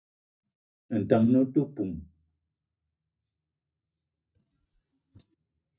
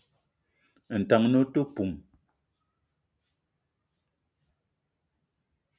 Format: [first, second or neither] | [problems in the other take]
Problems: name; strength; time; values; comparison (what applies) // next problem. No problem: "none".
second | noise reduction (neural mask model DeepFilterNet 3)